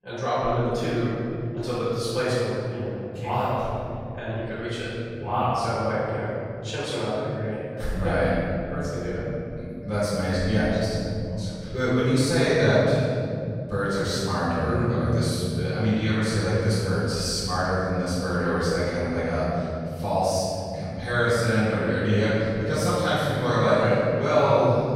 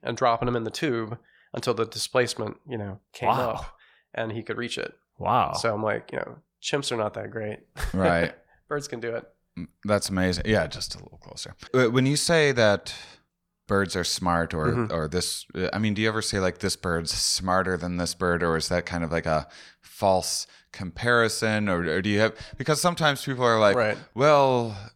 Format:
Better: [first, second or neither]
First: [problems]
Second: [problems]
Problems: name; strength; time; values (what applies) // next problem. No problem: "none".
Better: second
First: off-mic speech; far // room echo; strong; dies away in 3 s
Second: none